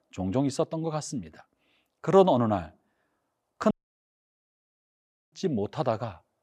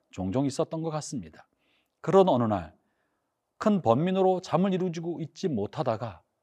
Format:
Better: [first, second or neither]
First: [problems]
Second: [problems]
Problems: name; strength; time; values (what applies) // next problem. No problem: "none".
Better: second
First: audio cutting out; at 3.5 s for 1.5 s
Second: none